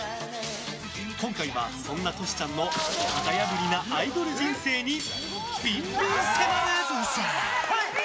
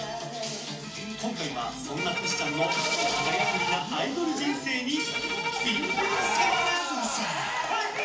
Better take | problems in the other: first | background sound (Bowed string instrument); 4 dB below the speech // room echo; dies away in 0.4 s

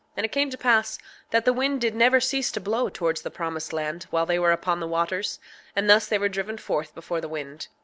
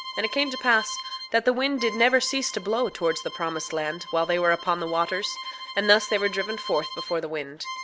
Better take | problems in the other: first | background sound (Bowed string instrument); 12 dB below the speech

